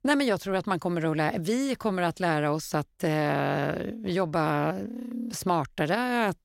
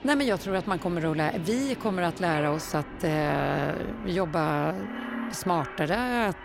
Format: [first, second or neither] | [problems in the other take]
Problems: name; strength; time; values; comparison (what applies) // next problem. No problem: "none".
first | train or aircraft noise; noticeable; throughout; 10 dB below the speech